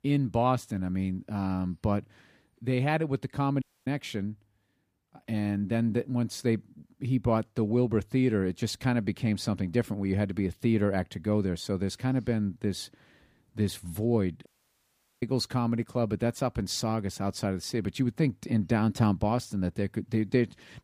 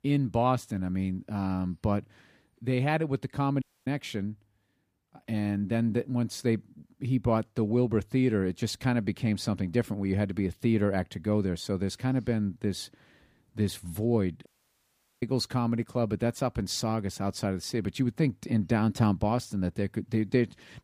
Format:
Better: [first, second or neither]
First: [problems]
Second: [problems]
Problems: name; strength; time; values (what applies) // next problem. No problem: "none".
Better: neither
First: audio cutting out; at 3.5 s and at 14 s for 1 s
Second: audio cutting out; at 3.5 s and at 14 s for 1 s